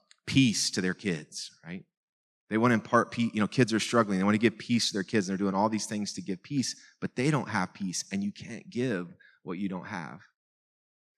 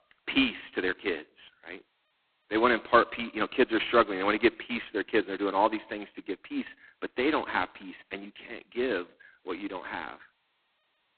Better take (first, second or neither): first